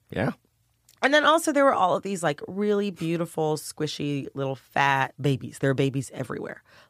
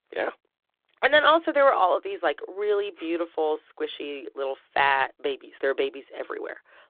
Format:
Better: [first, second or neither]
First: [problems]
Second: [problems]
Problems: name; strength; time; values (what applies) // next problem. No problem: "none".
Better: first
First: none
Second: phone-call audio